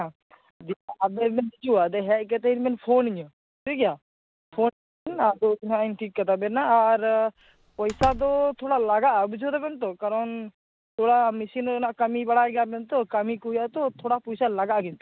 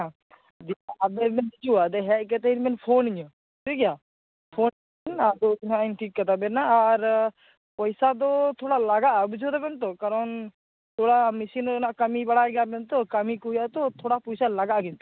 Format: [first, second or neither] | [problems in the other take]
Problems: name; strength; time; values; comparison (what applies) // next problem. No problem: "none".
second | background sound (Slam); 14 dB below the speech